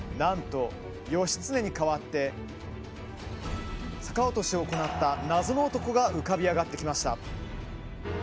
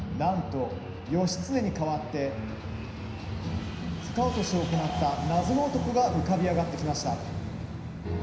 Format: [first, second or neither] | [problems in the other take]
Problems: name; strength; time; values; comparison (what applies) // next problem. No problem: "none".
first | background sound (Fixed-wing aircraft, airplane); 14 dB below the speech // room echo; dies away in 0.9 s